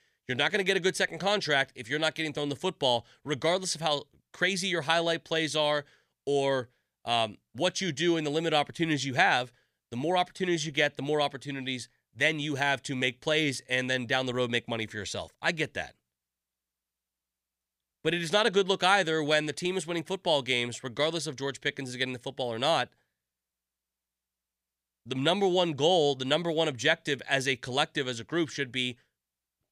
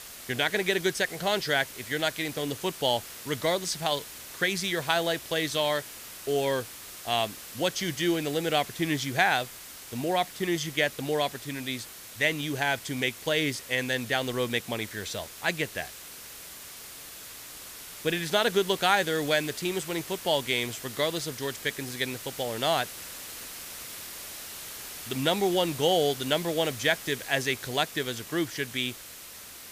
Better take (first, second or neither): first